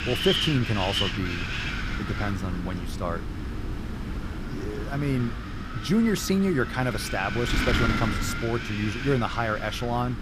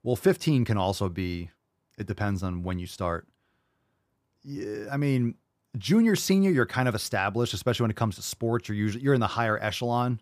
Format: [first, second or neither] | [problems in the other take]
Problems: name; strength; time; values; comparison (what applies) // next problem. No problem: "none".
second | wind noise on the microphone; heavy; 1 dB below the speech